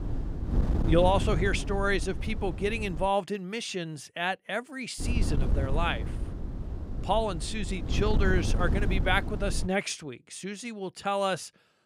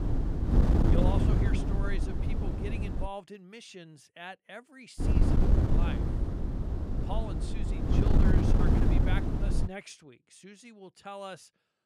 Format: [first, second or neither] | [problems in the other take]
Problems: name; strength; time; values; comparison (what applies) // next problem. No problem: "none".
first | wind noise on the microphone; heavy; until 3 s and from 5 to 9.5 s; 4 dB above the speech; occasional gusts in the first